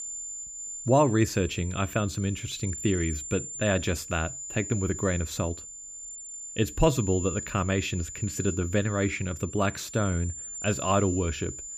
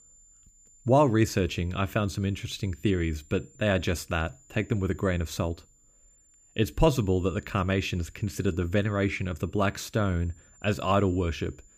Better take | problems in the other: second | high-pitched whine; loud; throughout; 7 kHz, 8 dB below the speech; faint in the second

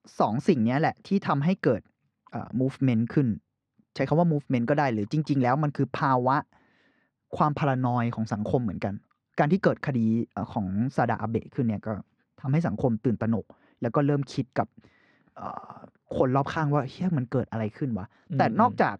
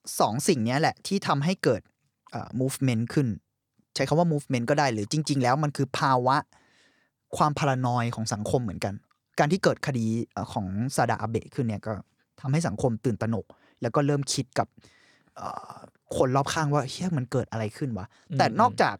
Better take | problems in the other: second | muffled; slightly; fading above 2.5 kHz

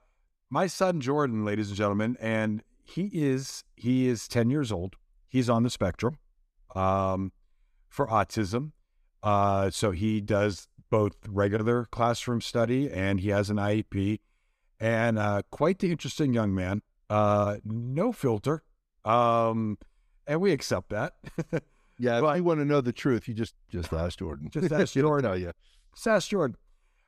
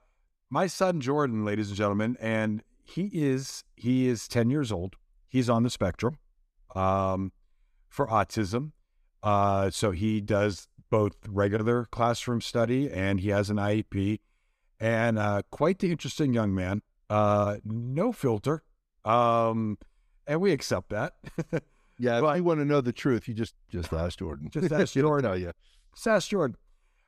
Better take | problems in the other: neither | none

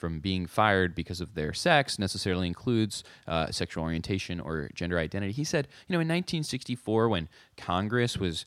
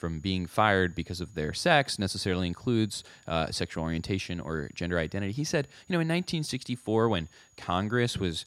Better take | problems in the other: first | high-pitched whine; faint; throughout; 7 kHz, 30 dB below the speech

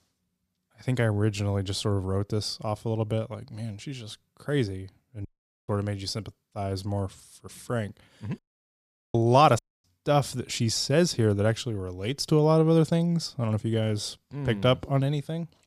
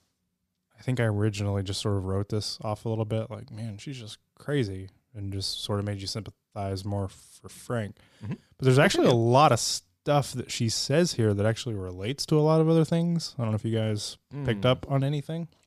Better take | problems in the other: second | audio cutting out; at 5.5 s, at 8.5 s for 1 s and at 9.5 s

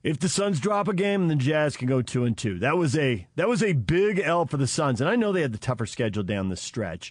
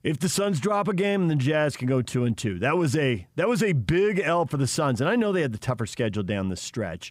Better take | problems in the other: second | garbled, watery; slightly; nothing above 8.5 kHz

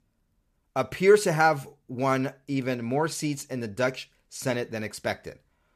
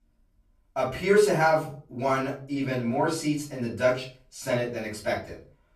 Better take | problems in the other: first | off-mic speech; far // room echo; slight; dies away in 0.3 s

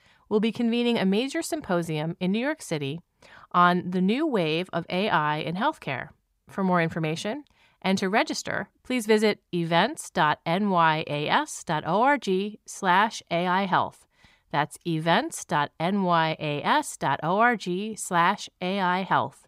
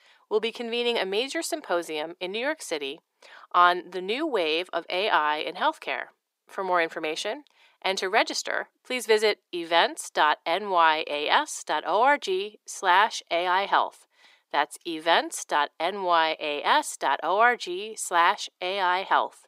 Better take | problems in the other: first | thin; very; fading below 350 Hz

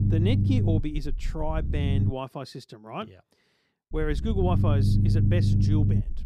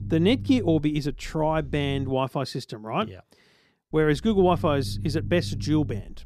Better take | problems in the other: second | low rumble; loud; until 2 s and from 4 s on; 2 dB below the speech; faint in the second

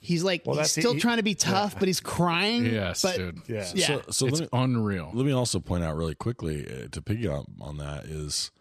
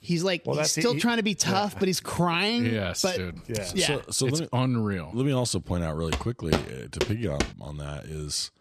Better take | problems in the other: first | keyboard typing; faint; at 3.5 s; peak 10 dB below the speech // footsteps; noticeable; from 6 to 7.5 s; peak 3 dB below the speech

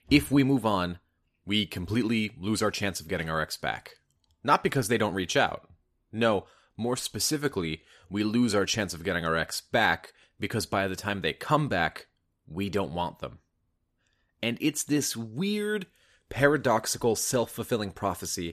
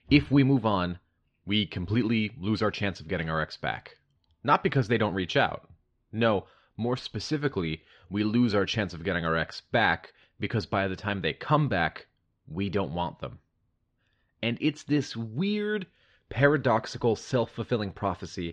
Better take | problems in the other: first | muffled; slightly; fading above 4.5 kHz

